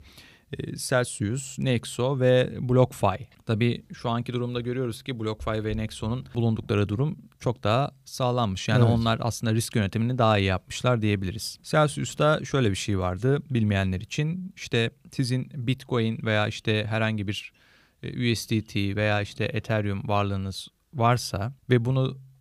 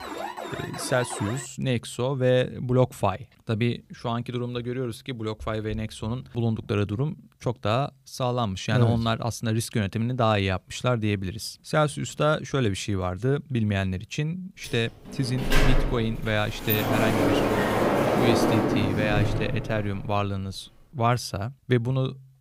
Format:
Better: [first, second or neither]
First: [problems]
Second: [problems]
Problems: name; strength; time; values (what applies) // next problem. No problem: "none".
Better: first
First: none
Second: alarm; noticeable; until 1.5 s; peak 7 dB below the speech // door banging; loud; from 15 to 20 s; peak 5 dB above the speech